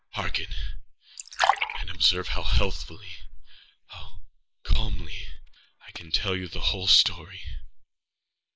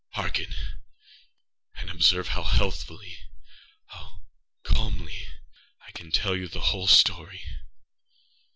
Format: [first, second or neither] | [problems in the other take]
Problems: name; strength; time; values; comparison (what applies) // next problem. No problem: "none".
second | noise reduction (neural mask model Resemble Enhance denoiser)